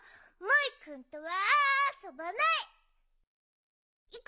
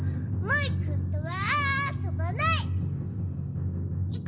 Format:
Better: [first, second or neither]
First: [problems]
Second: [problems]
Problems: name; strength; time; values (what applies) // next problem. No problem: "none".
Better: first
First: none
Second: background sound (Drum); 4 dB above the speech // room echo; dies away in 0.5 s